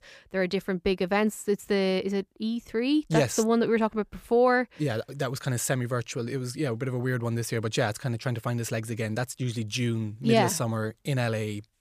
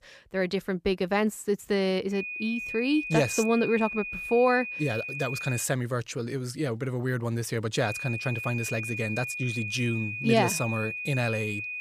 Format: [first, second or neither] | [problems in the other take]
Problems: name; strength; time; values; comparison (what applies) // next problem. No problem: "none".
first | high-pitched whine; loud; from 2 to 5.5 s and from 8 s on; 2.5 kHz, 5 dB below the speech